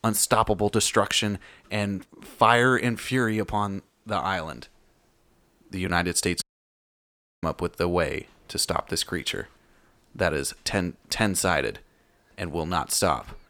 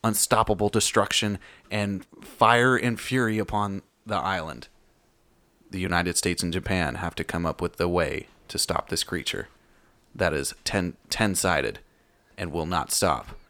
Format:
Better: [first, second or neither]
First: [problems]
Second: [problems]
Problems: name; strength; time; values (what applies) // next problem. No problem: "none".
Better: second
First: audio cutting out; at 6.5 s for 1 s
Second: none